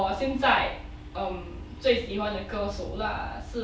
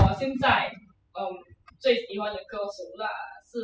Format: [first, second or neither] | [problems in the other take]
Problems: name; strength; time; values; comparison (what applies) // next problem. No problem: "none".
first | noise reduction (classical method spectral subtraction)